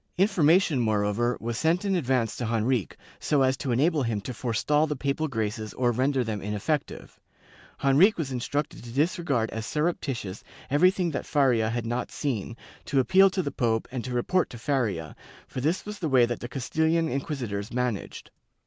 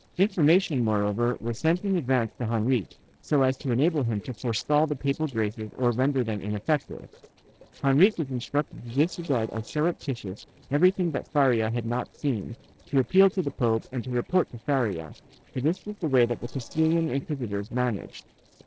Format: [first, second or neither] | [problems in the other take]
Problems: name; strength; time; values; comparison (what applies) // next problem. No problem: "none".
first | noise reduction (neural separator model SepFormer DNS4)